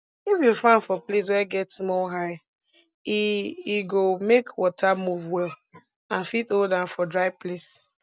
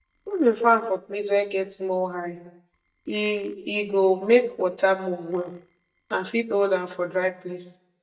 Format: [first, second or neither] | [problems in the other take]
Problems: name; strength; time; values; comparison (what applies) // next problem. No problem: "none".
first | noise reduction (neural mask model DeepFilterNet 3)